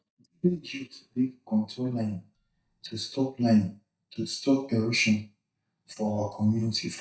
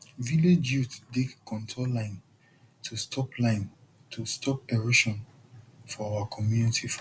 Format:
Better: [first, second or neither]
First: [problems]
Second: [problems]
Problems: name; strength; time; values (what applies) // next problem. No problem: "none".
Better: second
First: noise reduction (neural mask model DeepFilterNet 3)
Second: none